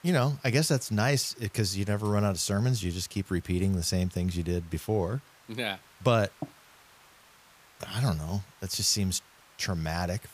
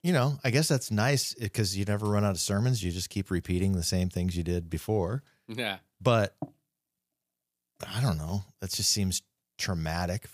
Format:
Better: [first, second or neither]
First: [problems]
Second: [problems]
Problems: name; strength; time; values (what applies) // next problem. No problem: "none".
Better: second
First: hiss; faint; throughout; 25 dB below the speech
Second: none